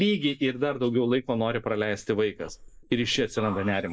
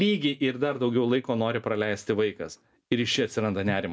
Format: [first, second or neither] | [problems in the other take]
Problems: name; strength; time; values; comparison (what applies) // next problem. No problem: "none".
second | noise reduction (neural mask model Resemble Enhance denoiser)